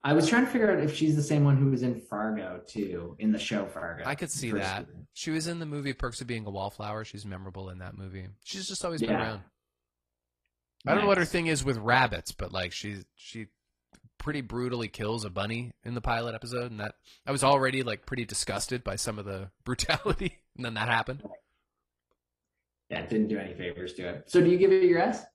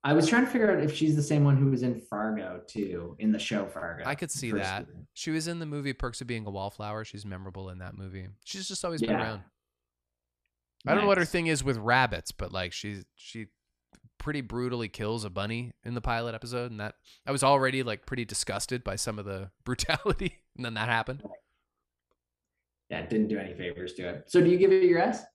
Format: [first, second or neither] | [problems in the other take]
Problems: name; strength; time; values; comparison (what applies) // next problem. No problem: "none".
second | garbled, watery; slightly; nothing above 14 kHz